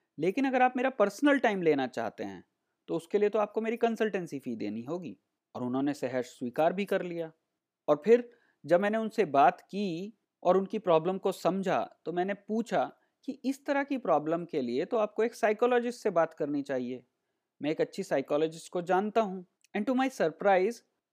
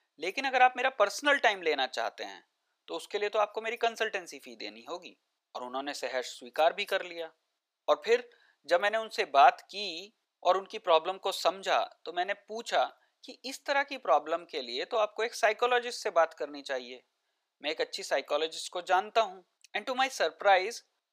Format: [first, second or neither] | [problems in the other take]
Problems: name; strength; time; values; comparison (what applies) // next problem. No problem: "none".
first | thin; very; fading below 750 Hz